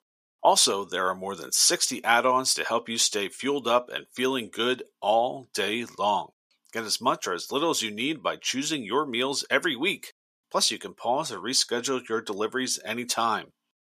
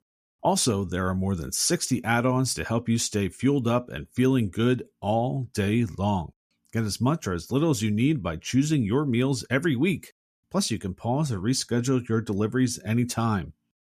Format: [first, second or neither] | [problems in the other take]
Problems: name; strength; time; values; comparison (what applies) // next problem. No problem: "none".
second | thin; very; fading below 550 Hz